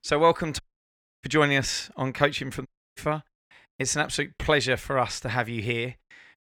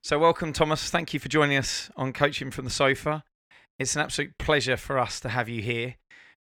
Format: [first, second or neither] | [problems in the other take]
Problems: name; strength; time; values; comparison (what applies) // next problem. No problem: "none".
second | audio cutting out; at 0.5 s for 0.5 s and at 2.5 s